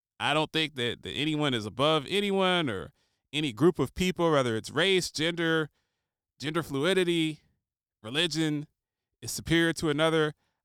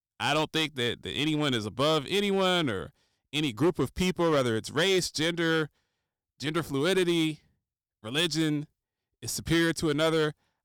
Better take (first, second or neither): first